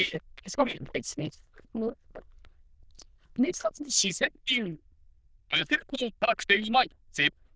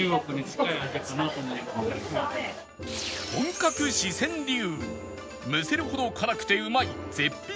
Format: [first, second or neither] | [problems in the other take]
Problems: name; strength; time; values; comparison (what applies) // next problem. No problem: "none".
second | noise reduction (neural diffusion model UNIVERSE++)